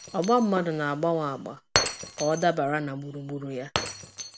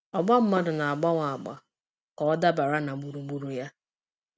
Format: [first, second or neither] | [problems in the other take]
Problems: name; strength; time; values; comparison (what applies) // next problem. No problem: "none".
second | background sound (Shatter); 7 dB below the speech